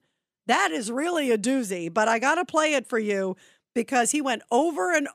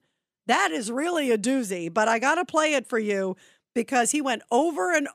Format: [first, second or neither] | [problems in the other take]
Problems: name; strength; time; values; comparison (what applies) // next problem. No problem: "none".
neither | none